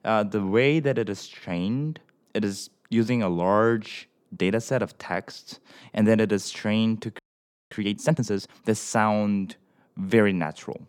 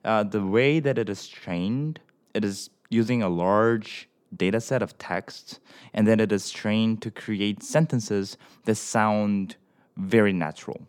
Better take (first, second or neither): second